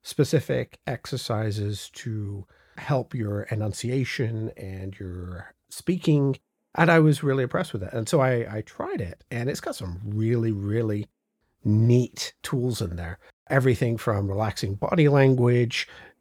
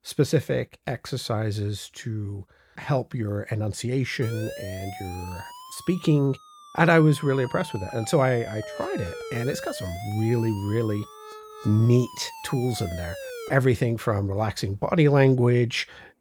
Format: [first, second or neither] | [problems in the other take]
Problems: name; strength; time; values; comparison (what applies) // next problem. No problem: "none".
first | siren; faint; from 4 to 14 s; peak 10 dB below the speech